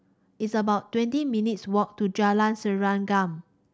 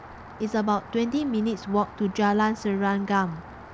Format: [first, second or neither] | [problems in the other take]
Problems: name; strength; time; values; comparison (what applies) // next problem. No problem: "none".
first | background sound (Rain); 17 dB below the speech